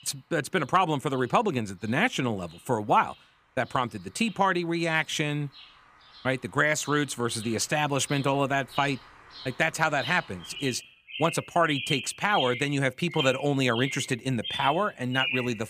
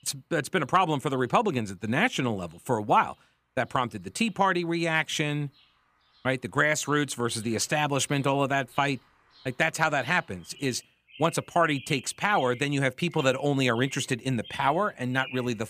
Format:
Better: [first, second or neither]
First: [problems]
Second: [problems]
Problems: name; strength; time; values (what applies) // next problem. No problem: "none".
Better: second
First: animal sounds; loud; throughout; 9 dB below the speech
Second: animal sounds; faint; throughout; 20 dB below the speech